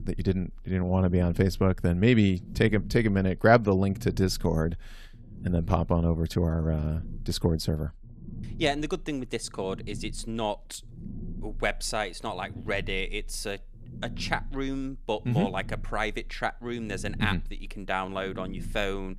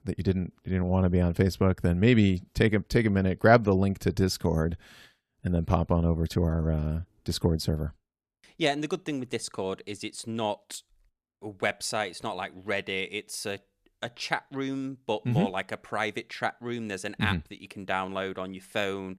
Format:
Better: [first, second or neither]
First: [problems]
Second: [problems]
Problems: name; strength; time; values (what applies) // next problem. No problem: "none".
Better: second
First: low rumble; faint; throughout; 20 dB below the speech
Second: none